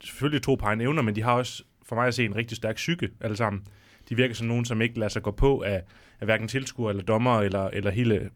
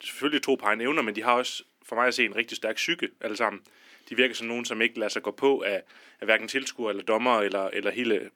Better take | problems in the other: first | thin; somewhat; fading below 300 Hz

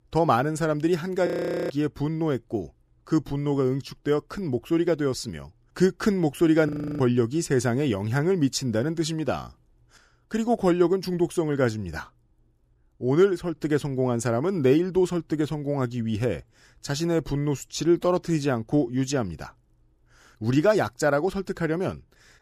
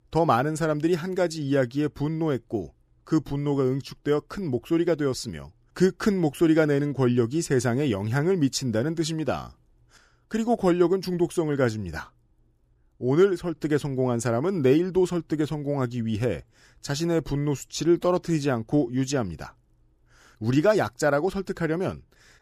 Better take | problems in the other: second | audio freezing; at 1.5 s and at 6.5 s

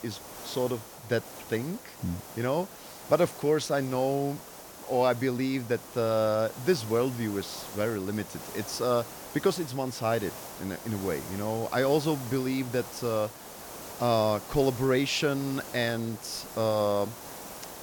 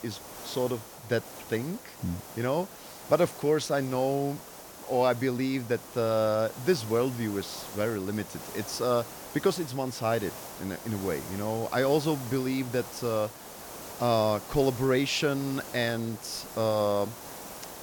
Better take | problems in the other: neither | hiss; noticeable; throughout; 15 dB below the speech; the same in both

